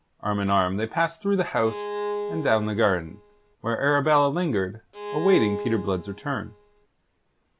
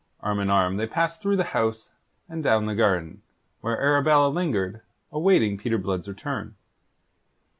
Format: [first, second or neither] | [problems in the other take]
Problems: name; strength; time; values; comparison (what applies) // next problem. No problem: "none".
second | background sound (Bowed string instrument); 8 dB below the speech